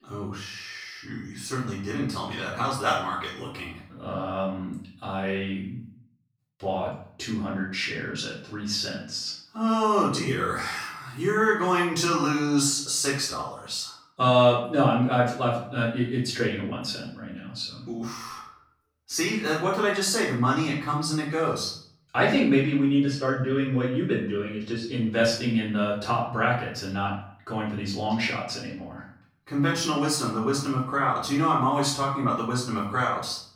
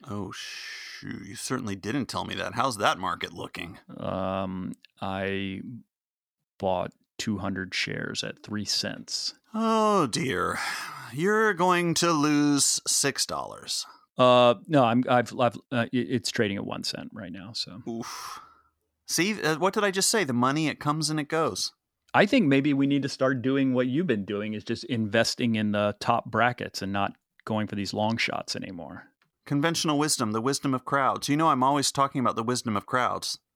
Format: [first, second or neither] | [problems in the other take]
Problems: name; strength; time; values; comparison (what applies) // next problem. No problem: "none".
second | off-mic speech; far // room echo; noticeable; dies away in 0.5 s